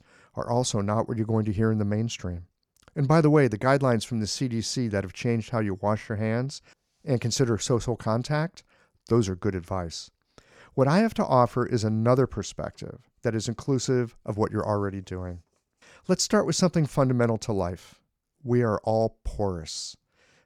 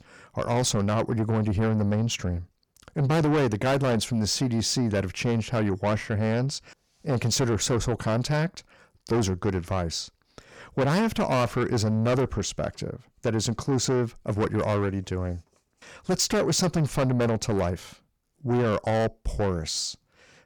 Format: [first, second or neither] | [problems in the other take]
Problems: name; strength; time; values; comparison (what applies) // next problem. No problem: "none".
first | distortion; heavy; 6 dB below the speech